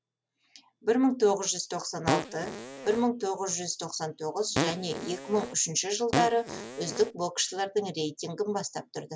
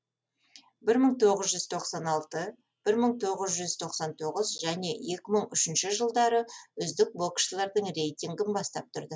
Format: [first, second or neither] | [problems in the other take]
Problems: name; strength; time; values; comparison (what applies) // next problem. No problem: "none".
second | background sound (Fart); 4 dB below the speech